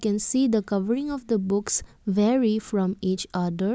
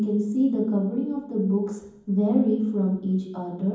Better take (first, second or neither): first